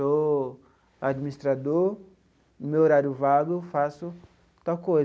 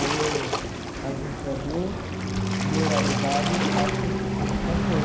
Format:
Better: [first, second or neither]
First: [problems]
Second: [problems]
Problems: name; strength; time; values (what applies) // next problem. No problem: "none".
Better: first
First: none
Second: background sound (Waves, surf); 5 dB above the speech // room echo; dies away in 0.9 s